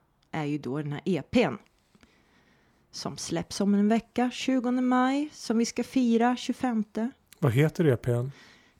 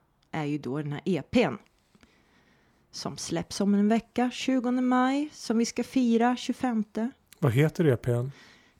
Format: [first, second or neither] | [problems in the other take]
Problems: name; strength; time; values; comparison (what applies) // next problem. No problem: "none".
neither | none